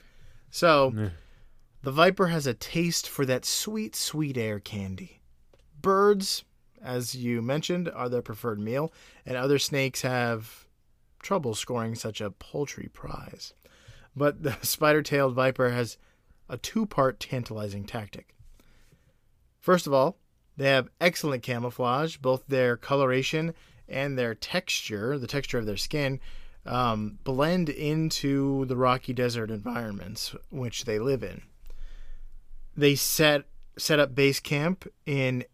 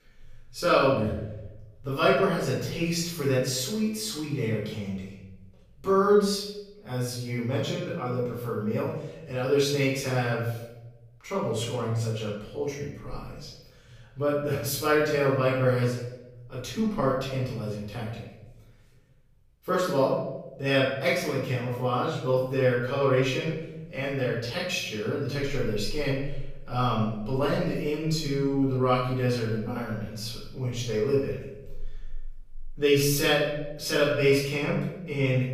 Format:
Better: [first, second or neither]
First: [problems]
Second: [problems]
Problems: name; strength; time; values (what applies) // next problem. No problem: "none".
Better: first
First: none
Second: off-mic speech; far // room echo; noticeable; dies away in 0.8 s